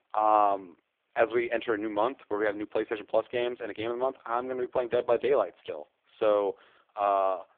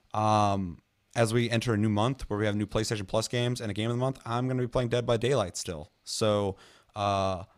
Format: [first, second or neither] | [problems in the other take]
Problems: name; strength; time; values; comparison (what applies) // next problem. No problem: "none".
second | phone-call audio; poor line